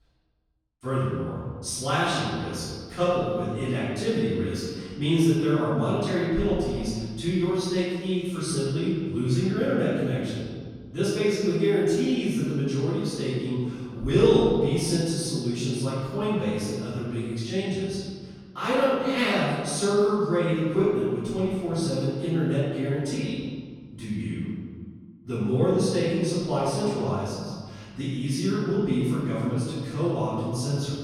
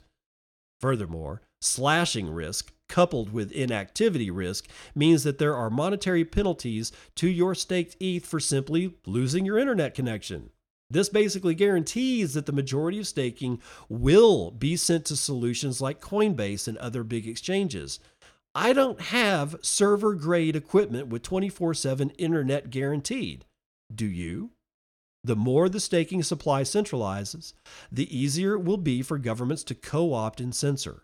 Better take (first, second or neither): second